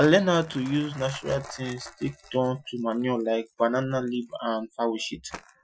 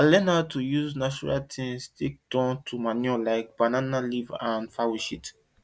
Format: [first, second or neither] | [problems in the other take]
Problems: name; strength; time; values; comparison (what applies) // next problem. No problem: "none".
second | noise reduction (classical method Wiener filter)